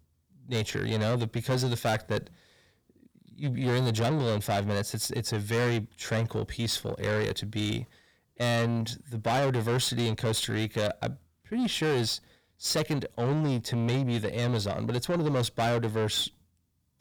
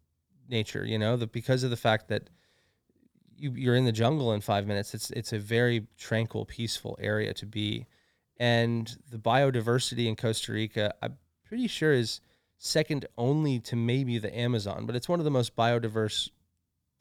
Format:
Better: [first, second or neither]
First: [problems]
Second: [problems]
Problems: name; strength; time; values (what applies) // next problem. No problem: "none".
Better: second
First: distortion; heavy; 7 dB below the speech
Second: none